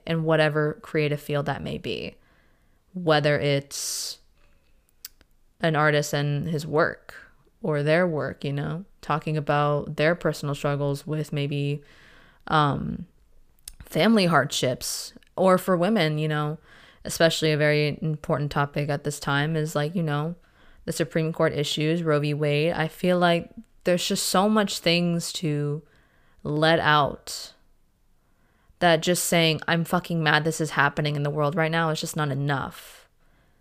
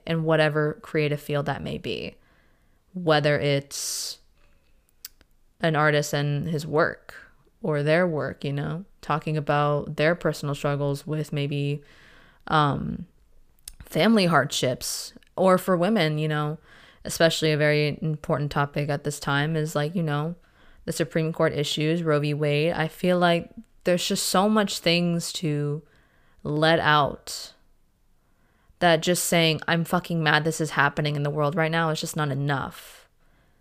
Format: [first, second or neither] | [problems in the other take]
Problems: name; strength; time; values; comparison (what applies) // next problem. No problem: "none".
neither | none